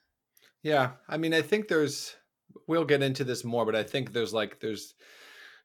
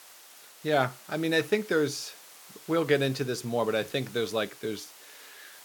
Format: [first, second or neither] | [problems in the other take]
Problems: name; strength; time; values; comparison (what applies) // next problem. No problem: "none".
first | hiss; noticeable; throughout; 20 dB below the speech